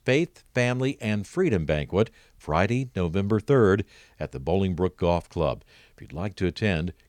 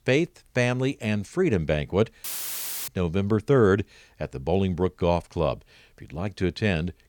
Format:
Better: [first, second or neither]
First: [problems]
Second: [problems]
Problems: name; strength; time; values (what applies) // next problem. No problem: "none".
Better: first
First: none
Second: audio cutting out; filled with static; at 2 s for 0.5 s